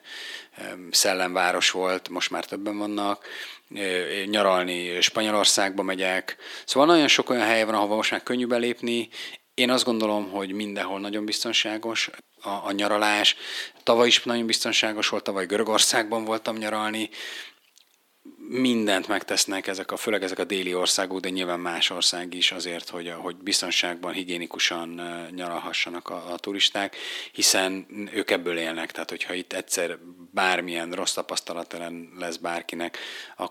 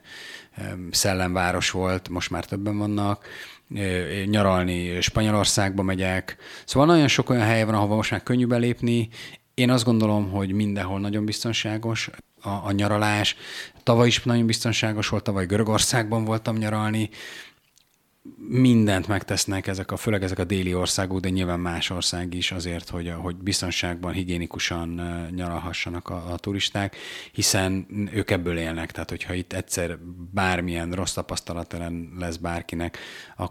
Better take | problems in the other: second | thin; somewhat; fading below 300 Hz

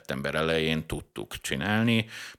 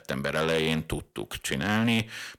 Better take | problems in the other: first | distortion; slight; 4% of the sound clipped

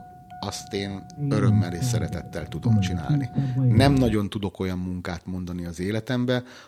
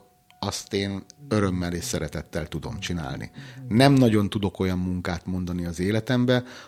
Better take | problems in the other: second | low rumble; loud; until 4 s; 4 dB below the speech; faint in the second

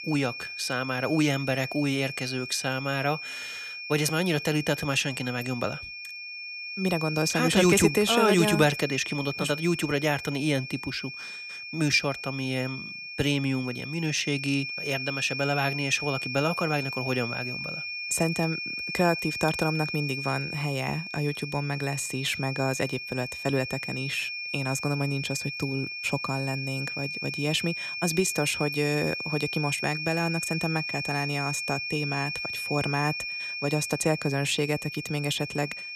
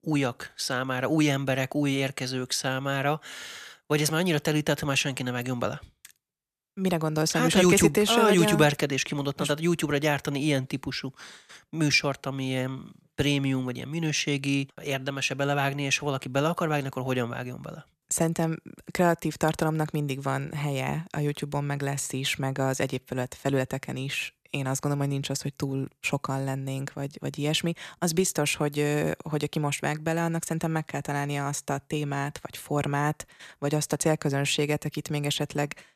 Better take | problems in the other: second | high-pitched whine; loud; throughout; 2.5 kHz, 5 dB below the speech

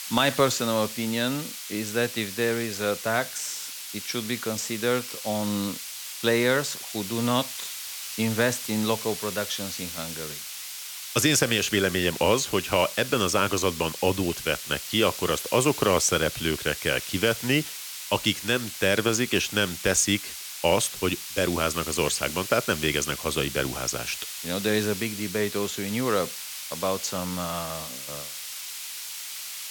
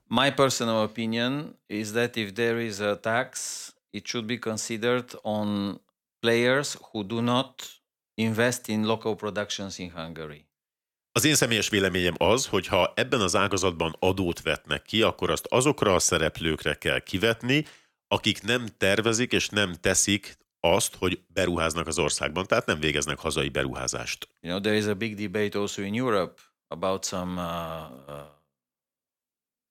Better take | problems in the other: second | hiss; loud; throughout; 8 dB below the speech

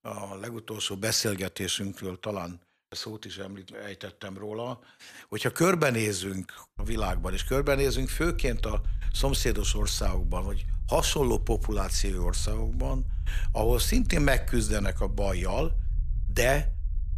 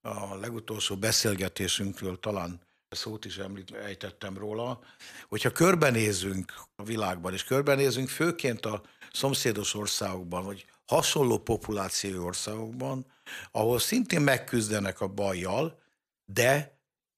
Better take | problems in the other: second | low rumble; faint; from 7 s on; 25 dB below the speech

